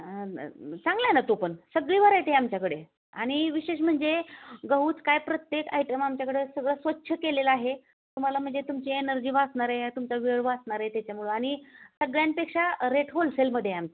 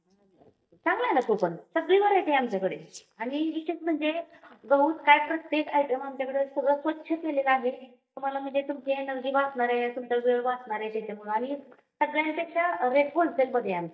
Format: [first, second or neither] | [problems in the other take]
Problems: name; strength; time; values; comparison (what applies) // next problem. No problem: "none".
first | noise reduction (neural mask model DeepFilterNet 3)